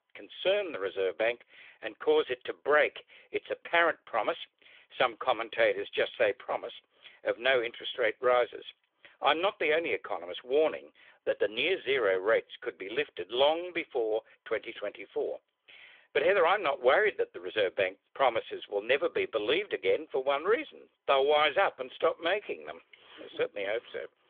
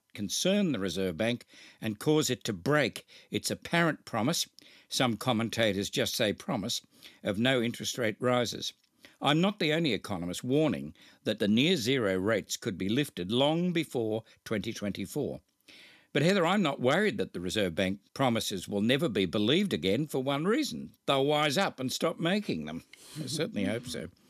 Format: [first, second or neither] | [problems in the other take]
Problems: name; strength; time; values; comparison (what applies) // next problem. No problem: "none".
second | phone-call audio; nothing above 3.5 kHz